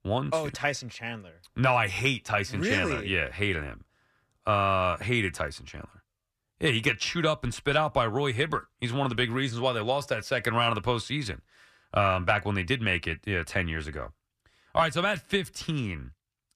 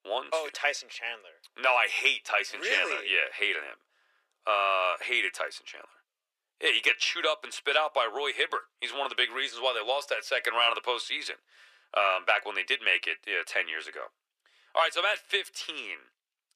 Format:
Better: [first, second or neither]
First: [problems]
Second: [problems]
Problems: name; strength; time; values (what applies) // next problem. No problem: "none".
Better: first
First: none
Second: thin; very; fading below 400 Hz